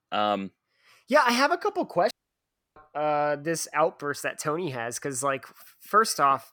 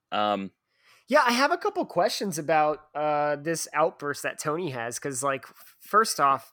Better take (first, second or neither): second